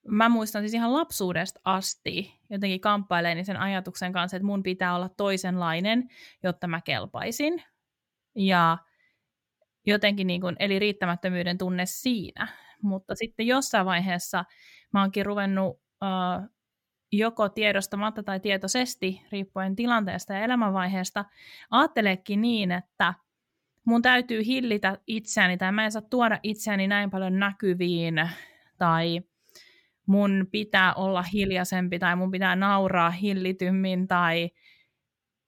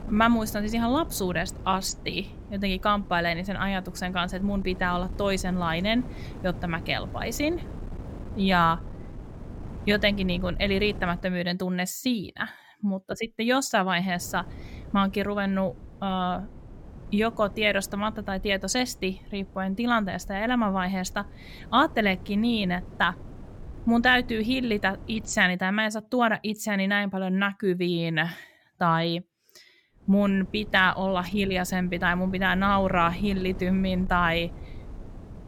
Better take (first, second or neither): first